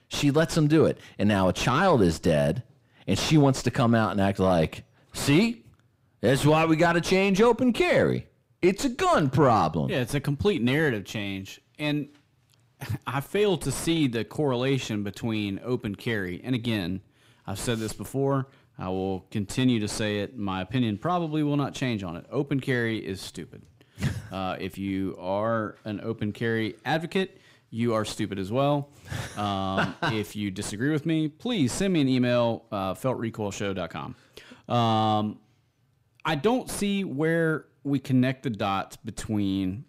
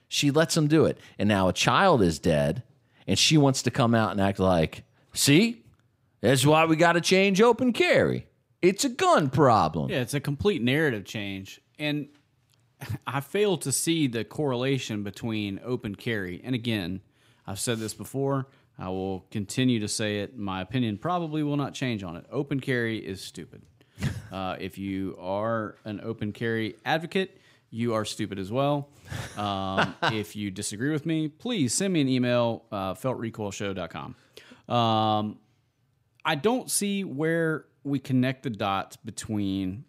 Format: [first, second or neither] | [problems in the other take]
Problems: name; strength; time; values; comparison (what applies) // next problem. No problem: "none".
second | distortion; slight; 9 dB below the speech